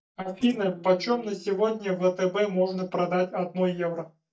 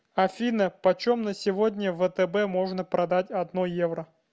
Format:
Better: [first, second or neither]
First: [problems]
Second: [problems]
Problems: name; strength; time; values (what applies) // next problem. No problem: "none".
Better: second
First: noise reduction (neural mask model DeepFilterNet 3)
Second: none